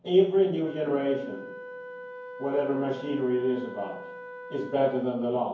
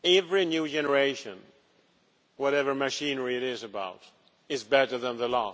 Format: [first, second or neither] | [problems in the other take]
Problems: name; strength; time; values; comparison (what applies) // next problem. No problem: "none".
second | background sound (Wind instrument, woodwind instrument); 14 dB below the speech // room echo; dies away in 0.9 s